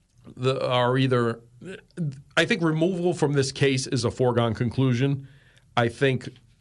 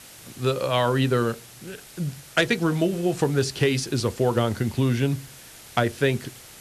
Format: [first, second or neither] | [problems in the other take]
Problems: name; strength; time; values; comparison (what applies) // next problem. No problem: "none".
first | hiss; noticeable; throughout; 20 dB below the speech